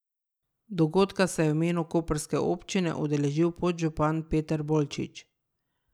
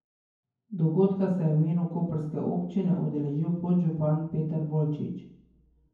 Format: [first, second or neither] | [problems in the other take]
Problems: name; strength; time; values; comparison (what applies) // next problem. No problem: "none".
first | room echo; dies away in 0.9 s